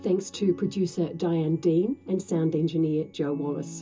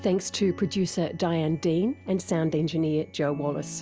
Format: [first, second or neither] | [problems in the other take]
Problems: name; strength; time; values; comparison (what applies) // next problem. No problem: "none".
second | room echo; dies away in 0.2 s